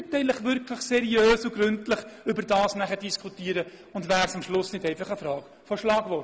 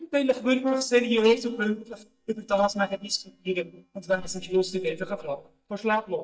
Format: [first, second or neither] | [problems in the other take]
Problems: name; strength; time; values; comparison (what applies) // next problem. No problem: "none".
first | noise reduction (neural mask model DeepFilterNet 3)